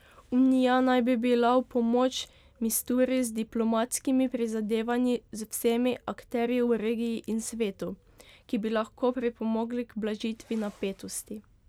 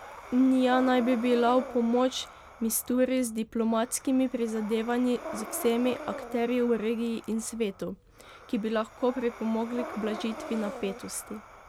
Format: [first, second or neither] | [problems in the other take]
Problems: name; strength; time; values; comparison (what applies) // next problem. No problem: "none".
first | background sound (Breathing); 14 dB below the speech